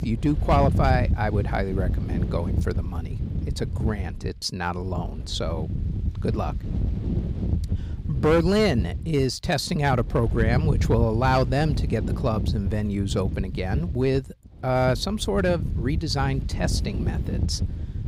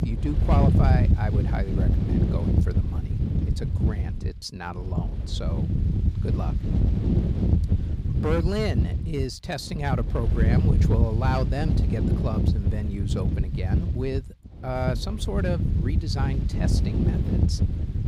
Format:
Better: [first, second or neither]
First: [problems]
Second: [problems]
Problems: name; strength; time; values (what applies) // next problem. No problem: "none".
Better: first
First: wind noise on the microphone; occasional gusts; 15 dB below the speech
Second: wind noise on the microphone; heavy; 2 dB below the speech